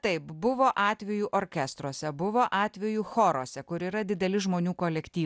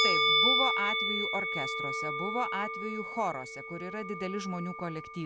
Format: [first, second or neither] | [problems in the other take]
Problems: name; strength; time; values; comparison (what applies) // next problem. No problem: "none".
first | background sound (Musical instrument); 5 dB above the speech